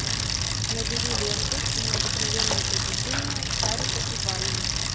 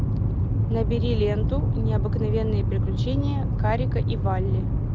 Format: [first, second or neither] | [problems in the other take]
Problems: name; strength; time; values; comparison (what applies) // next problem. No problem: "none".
second | background sound (Bicycle); 3 dB above the speech